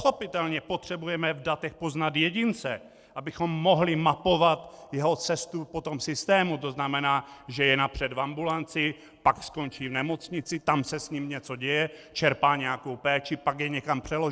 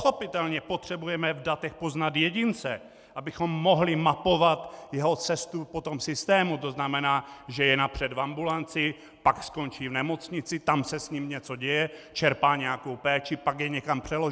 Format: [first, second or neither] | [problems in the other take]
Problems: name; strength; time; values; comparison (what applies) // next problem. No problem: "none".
second | noise reduction (neural separator model SepFormer DNS4)